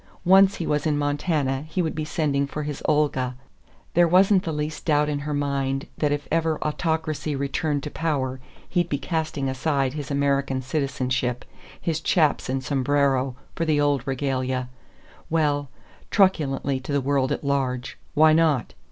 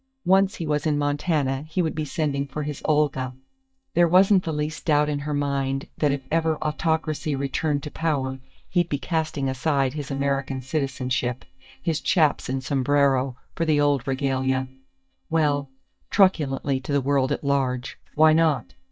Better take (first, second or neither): first